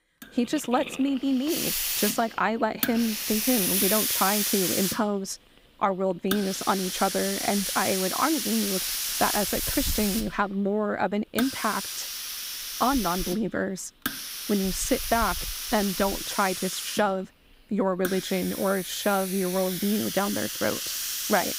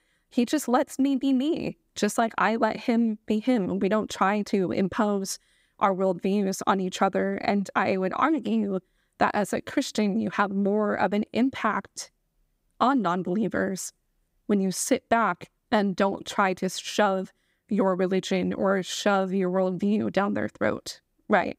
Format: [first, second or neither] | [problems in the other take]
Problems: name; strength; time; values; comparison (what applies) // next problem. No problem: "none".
second | hiss; loud; throughout; 1 dB below the speech